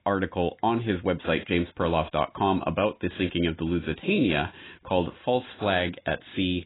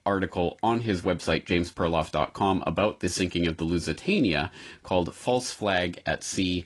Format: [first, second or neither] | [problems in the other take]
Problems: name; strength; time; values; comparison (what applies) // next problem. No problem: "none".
second | garbled, watery; badly; nothing above 4 kHz; slightly in the second